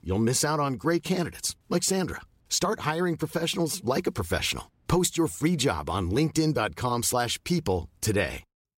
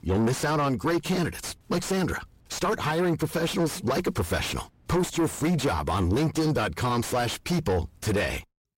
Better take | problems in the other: first | distortion; heavy; 6 dB below the speech

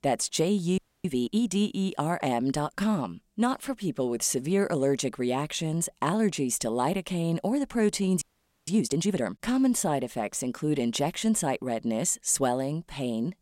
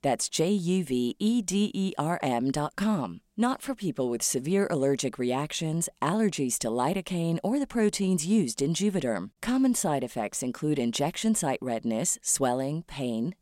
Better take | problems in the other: second | audio freezing; at 1 s and at 8 s

